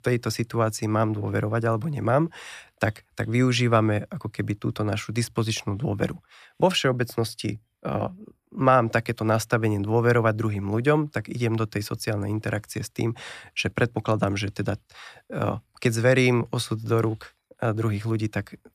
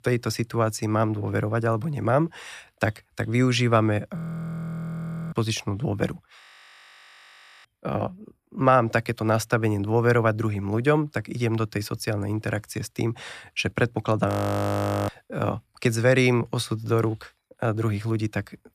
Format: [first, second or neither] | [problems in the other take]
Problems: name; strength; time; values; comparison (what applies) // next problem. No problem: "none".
first | audio freezing; at 4 s for 1 s, at 6.5 s for 1 s and at 14 s for 1 s